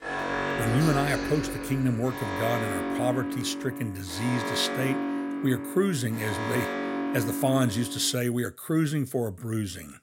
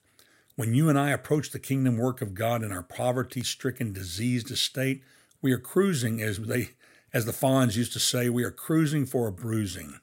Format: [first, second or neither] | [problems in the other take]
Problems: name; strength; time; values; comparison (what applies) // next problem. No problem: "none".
second | alarm; loud; until 8 s; peak level with the speech